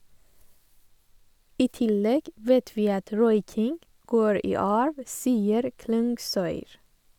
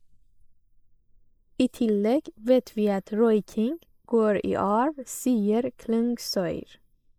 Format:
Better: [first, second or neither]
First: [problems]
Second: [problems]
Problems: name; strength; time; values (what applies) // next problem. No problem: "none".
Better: first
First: none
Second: noise reduction (neural mask model Resemble Enhance denoiser)